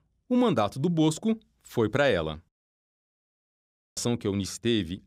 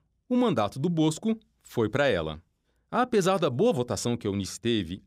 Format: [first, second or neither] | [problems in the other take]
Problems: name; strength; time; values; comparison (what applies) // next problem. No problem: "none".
second | audio cutting out; at 2.5 s for 1.5 s